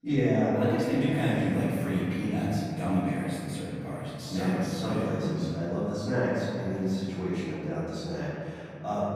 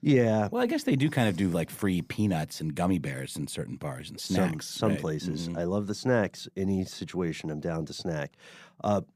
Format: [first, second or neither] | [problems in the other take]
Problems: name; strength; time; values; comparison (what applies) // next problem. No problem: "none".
second | room echo; strong; dies away in 2.6 s // off-mic speech; far